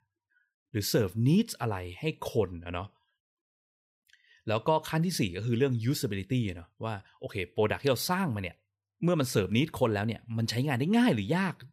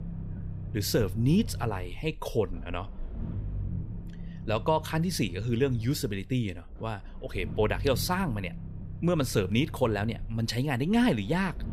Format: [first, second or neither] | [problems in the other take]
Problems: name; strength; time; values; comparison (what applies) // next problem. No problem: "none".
first | low rumble; faint; throughout; 20 dB below the speech